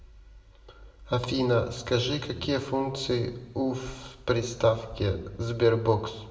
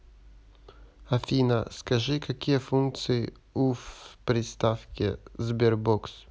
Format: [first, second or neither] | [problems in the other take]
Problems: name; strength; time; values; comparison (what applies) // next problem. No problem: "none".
second | background sound (Brass instrument); 18 dB below the speech // room echo; dies away in 1 s